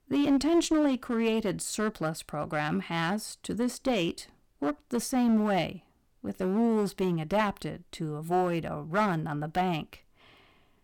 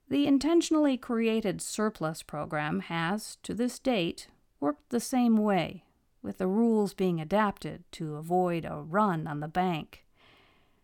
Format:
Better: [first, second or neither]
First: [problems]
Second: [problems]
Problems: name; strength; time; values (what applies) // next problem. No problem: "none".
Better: second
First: distortion; slight; 6% of the sound clipped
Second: none